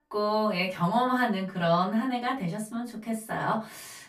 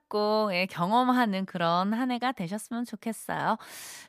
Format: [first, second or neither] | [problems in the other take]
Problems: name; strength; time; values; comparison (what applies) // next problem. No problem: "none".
second | off-mic speech; far // room echo; very slight; dies away in 0.2 s